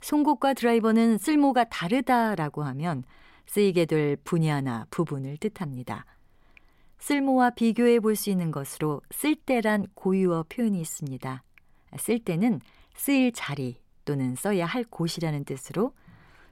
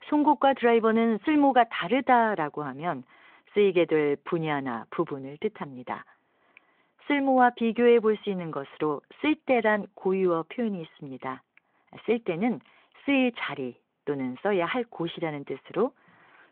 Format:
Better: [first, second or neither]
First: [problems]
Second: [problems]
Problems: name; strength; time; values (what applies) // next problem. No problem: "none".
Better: first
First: none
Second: phone-call audio